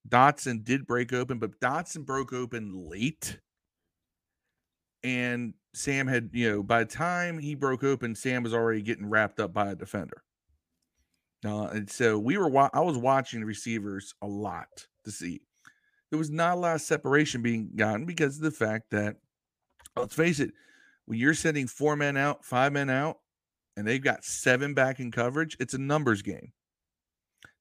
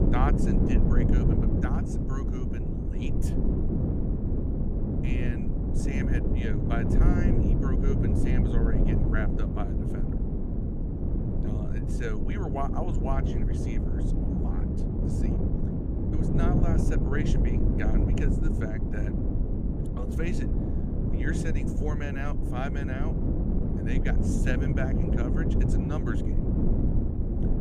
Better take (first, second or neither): first